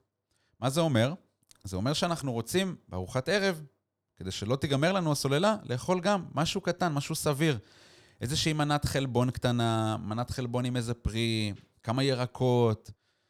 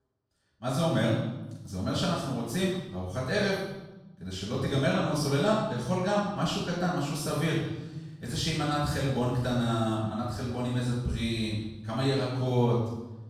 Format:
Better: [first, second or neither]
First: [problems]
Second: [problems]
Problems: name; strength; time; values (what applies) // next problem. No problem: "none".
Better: first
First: none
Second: off-mic speech; far // room echo; noticeable; dies away in 1 s